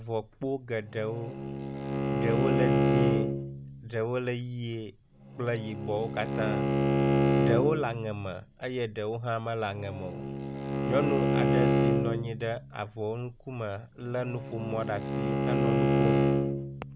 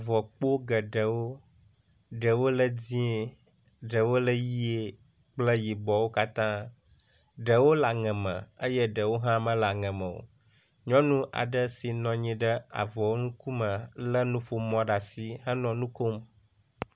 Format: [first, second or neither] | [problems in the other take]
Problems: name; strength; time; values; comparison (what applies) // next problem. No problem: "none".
second | background sound (Bowed string instrument); 4 dB above the speech